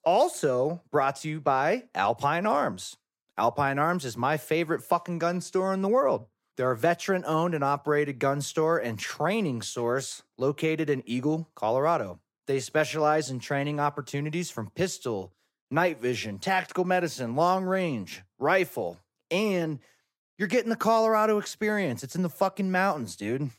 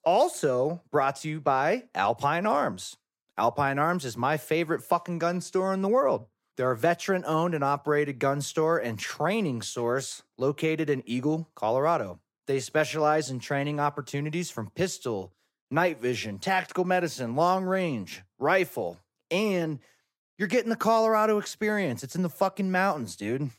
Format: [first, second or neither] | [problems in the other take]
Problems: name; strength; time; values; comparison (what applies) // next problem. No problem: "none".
neither | none